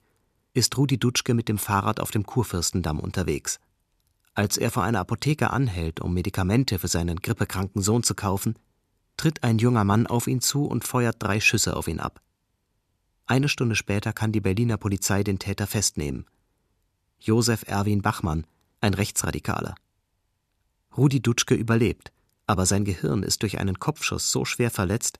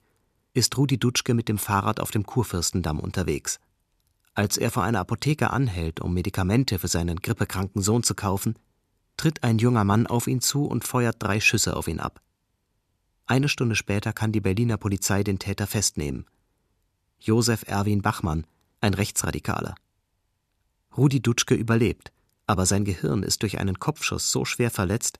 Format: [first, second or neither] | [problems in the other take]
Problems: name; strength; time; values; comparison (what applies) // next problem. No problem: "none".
neither | none